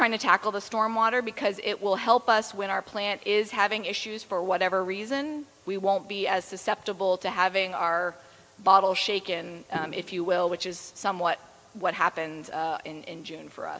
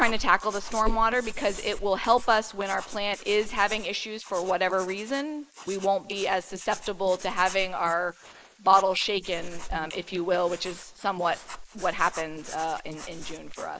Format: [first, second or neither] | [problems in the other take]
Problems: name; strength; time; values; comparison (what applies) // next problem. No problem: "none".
first | noise reduction (neural mask model Resemble Enhance denoiser)